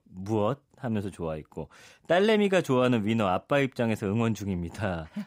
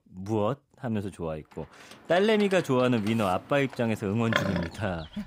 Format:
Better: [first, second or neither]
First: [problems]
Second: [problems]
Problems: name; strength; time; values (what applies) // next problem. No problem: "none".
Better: first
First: none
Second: animal sounds; loud; from 2 s on; 8 dB below the speech